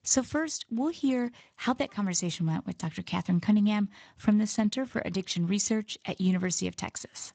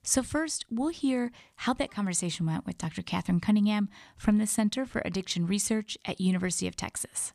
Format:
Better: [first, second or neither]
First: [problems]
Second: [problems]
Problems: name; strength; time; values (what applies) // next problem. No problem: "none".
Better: second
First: garbled, watery; slightly; nothing above 7.5 kHz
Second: none